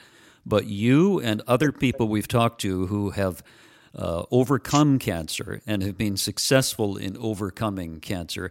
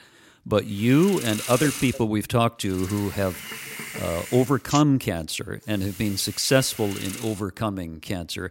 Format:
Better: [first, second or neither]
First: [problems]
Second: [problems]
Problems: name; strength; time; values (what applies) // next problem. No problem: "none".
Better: first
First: none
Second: hiss; noticeable; from 1 to 2 s, from 3 to 4.5 s and from 5.5 to 7.5 s; 10 dB below the speech